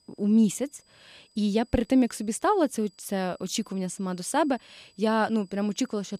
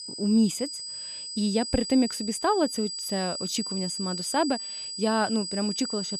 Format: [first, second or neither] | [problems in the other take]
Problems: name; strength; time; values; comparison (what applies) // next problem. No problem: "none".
first | high-pitched whine; loud; throughout; 5 kHz, 5 dB below the speech; faint in the first